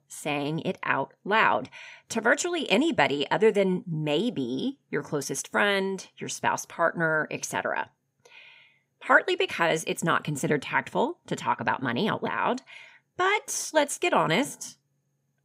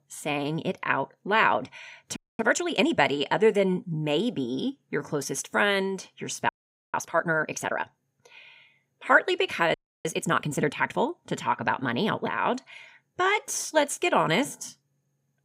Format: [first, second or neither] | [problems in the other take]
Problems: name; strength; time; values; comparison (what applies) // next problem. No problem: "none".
first | audio freezing; at 2 s, at 6.5 s and at 9.5 s